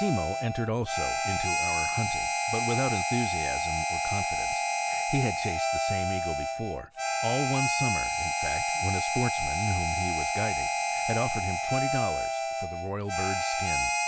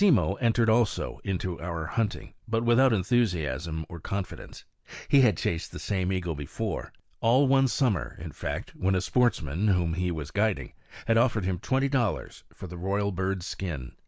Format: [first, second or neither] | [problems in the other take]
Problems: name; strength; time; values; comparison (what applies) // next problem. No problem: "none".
second | background sound (Harmonica); 4 dB above the speech